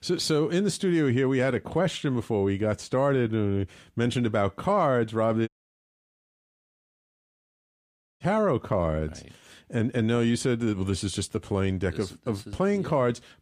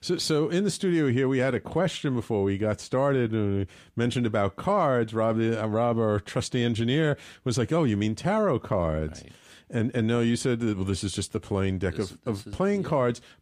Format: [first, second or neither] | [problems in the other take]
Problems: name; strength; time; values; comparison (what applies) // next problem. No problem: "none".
second | audio cutting out; at 5.5 s for 2.5 s